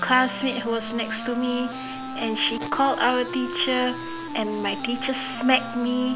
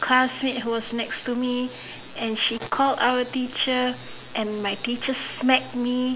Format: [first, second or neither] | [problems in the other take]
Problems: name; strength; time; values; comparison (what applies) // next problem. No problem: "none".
second | background sound (Wind instrument, woodwind instrument); 9 dB below the speech